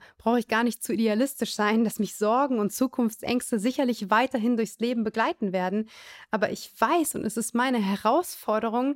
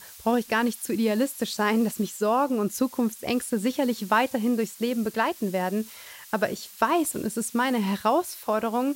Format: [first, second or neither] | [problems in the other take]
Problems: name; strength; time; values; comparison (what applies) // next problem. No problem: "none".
first | hiss; noticeable; throughout; 20 dB below the speech